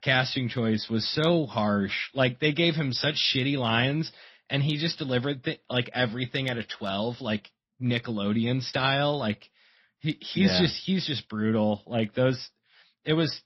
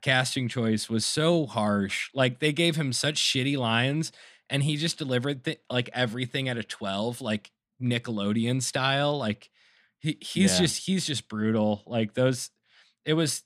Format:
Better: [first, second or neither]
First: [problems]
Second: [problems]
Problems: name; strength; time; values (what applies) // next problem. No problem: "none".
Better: second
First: garbled, watery; slightly; nothing above 5.5 kHz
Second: none